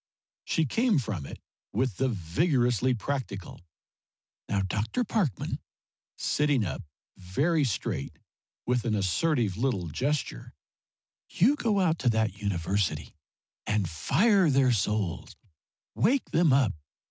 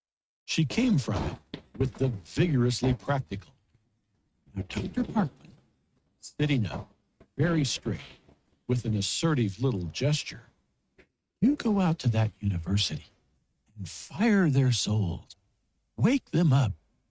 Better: first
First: none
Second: noise reduction (neural mask model RNNoise)

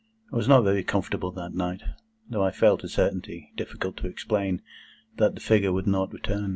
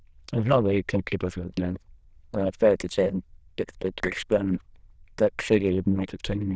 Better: first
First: none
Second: noise reduction (neural diffusion model UNIVERSE++)

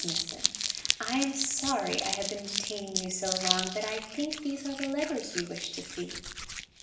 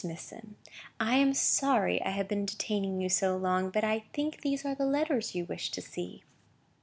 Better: second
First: background sound (Crumpling, crinkling); 1 dB below the speech // room echo; dies away in 1 s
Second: none

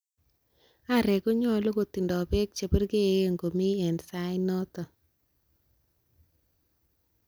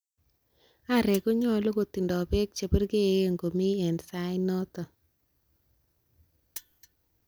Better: first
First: none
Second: background sound (Mechanisms); 19 dB below the speech

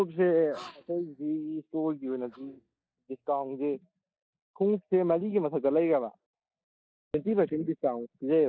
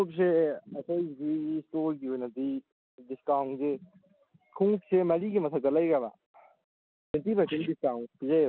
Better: second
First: noise reduction (neural mask model DeepFilterNet 3)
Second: none

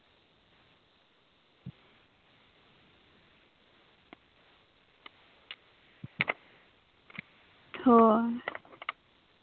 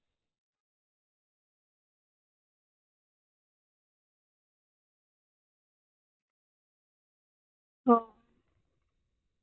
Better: first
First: none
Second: noise reduction (neural mask model DeepFilterNet 3)

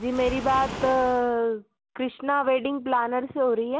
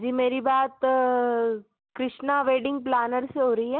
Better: second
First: background sound (Waves, surf); 15 dB below the speech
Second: none

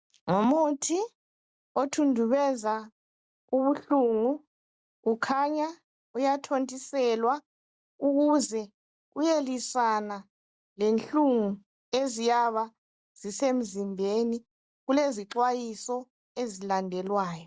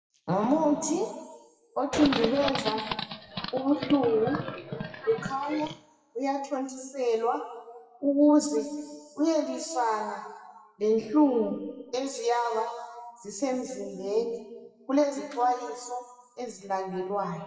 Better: first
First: none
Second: noise reduction (classical method WPE with log-MMSE)

